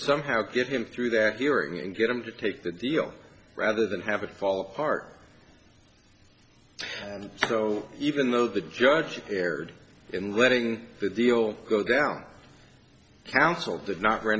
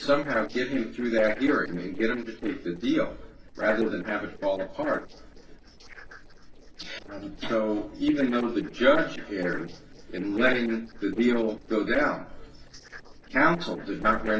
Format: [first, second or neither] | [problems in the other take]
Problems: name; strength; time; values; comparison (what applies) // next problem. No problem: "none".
first | noise reduction (neural separator model SepFormer DNS4)